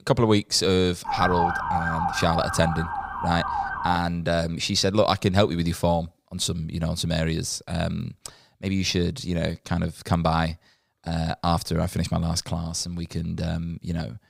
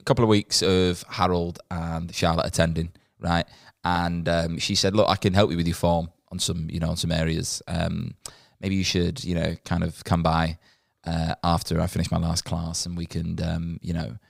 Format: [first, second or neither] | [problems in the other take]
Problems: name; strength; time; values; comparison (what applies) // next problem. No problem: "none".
second | siren; loud; from 1 to 4 s; peak 1 dB above the speech